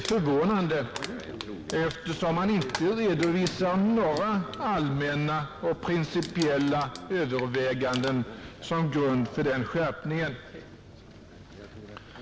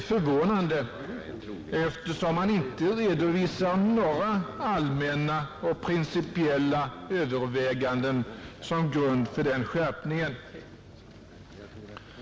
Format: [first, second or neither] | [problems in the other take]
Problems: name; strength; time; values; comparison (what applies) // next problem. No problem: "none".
second | background sound (Crumpling, crinkling); 17 dB below the speech